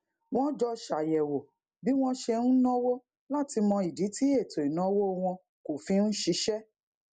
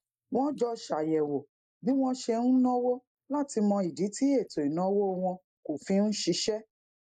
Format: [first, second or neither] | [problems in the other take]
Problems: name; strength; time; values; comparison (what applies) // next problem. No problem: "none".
first | noise reduction (neural mask model Resemble Enhance denoiser)